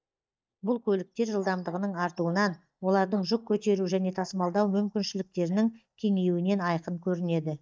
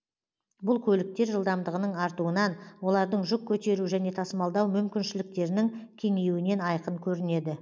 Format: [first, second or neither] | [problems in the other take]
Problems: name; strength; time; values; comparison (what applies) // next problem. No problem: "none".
second | noise reduction (neural mask model DeepFilterNet 3)